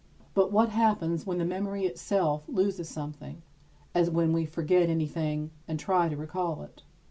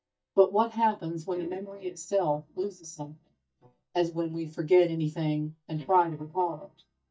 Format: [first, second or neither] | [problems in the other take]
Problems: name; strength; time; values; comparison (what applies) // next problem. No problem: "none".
first | noise reduction (neural mask model DeepFilterNet 3)